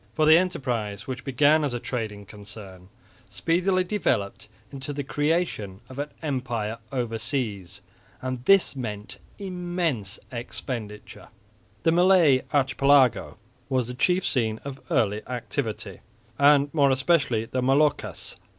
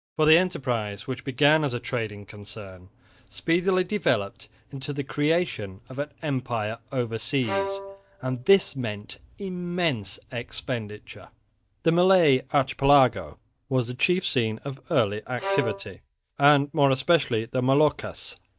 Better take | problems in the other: first | noise reduction (neural mask model DeepFilterNet 3)

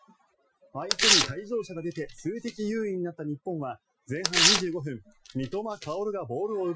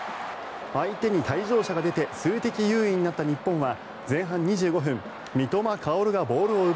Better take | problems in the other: second | noise reduction (classical method Wiener filter)

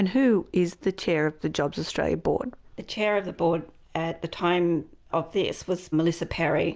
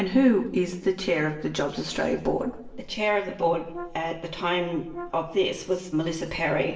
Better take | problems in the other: first | background sound (Brass instrument); 16 dB below the speech // room echo; dies away in 0.8 s

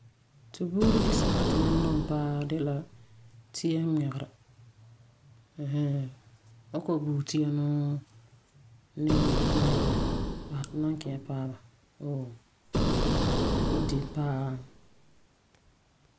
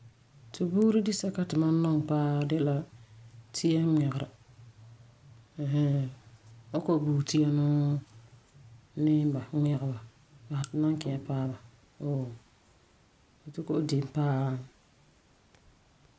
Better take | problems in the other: second | background sound (Boom); 3 dB above the speech

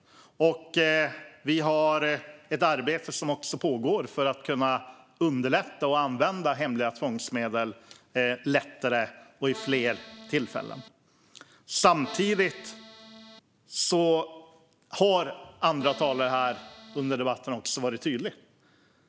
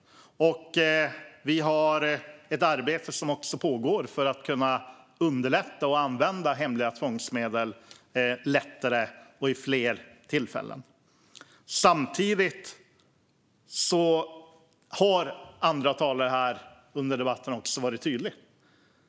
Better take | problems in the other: second | background sound (Accordion); 16 dB below the speech

